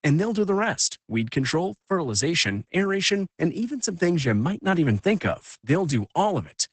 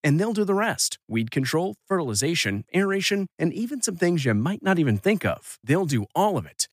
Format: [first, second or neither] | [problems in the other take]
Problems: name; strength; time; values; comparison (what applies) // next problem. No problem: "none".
second | garbled, watery; badly; nothing above 8 kHz